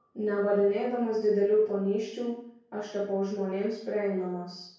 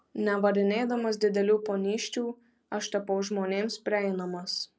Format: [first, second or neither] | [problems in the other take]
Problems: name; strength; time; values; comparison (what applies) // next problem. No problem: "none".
second | room echo; dies away in 0.6 s